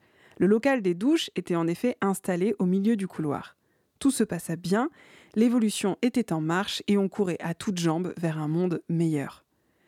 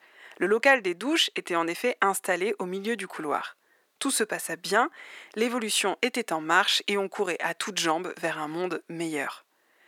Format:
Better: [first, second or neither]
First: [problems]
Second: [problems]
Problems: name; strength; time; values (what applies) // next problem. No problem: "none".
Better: first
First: none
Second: thin; very; fading below 550 Hz